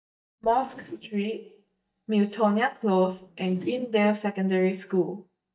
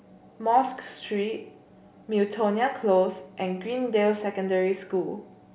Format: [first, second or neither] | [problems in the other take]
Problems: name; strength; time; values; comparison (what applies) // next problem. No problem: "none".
second | noise reduction (neural mask model DeepFilterNet 3)